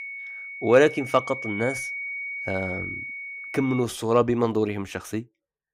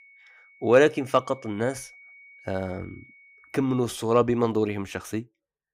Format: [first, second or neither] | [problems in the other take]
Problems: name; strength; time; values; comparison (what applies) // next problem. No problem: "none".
second | high-pitched whine; loud; until 4 s; 2 kHz, 8 dB below the speech; faint in the second